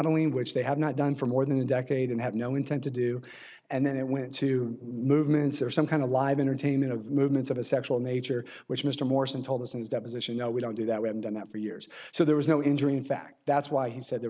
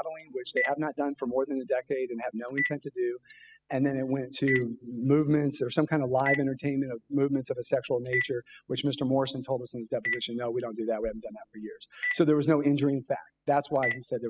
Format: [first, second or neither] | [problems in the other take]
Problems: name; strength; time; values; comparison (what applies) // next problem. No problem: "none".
first | noise reduction (classical method spectral subtraction)